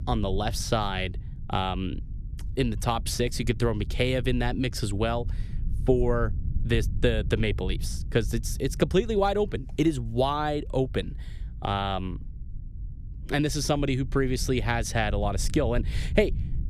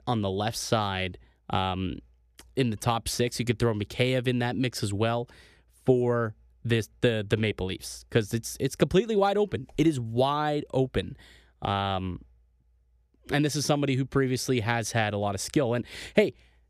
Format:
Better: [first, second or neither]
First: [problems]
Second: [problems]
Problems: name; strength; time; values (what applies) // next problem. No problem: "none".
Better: second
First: low rumble; faint; throughout; 20 dB below the speech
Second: none